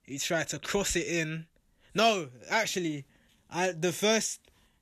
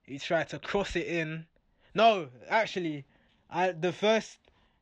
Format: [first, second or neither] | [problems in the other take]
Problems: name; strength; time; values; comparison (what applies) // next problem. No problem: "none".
first | muffled; very; fading above 4 kHz